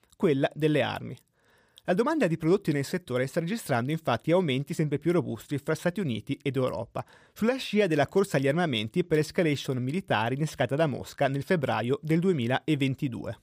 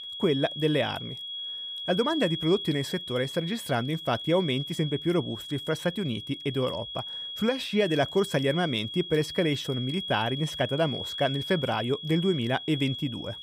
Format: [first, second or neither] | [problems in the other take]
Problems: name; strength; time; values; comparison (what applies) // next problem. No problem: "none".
first | high-pitched whine; loud; throughout; 3.5 kHz, 7 dB below the speech